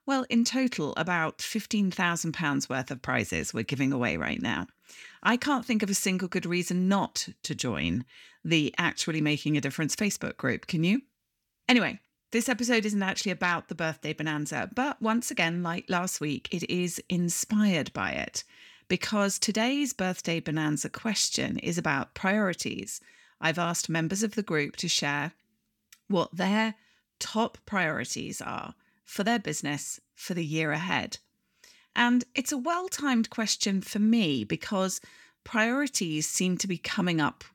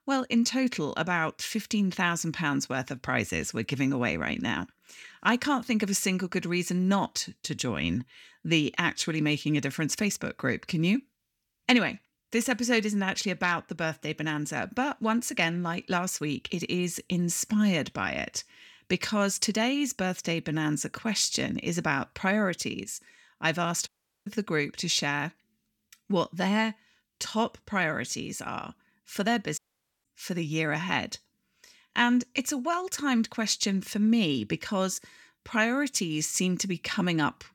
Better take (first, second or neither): first